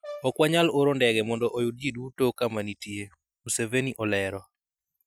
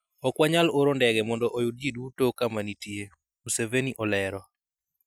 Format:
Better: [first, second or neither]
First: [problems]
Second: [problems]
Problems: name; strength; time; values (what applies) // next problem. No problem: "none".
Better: second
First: background sound (Brass instrument); 19 dB below the speech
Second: none